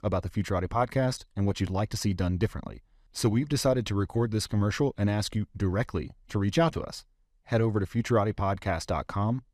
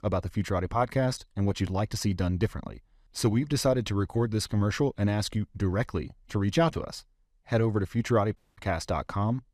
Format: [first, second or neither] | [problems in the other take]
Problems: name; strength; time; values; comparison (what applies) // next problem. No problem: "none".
first | audio cutting out; at 8.5 s